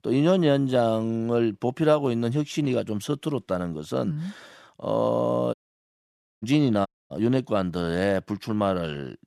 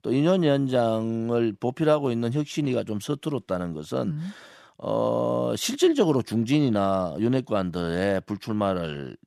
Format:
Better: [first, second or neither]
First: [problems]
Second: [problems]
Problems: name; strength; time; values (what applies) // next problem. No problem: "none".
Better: second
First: audio cutting out; at 5.5 s for 1 s and at 7 s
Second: none